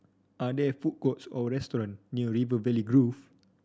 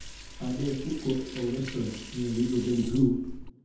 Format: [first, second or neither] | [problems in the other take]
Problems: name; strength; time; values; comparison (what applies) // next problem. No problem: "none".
first | background sound (Liquid); 11 dB below the speech // room echo; dies away in 0.8 s